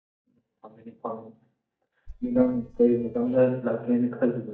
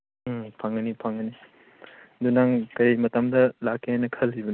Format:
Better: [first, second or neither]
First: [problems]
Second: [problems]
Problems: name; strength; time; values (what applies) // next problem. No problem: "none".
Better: second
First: noise reduction (neural mask model DeepFilterNet 3)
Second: none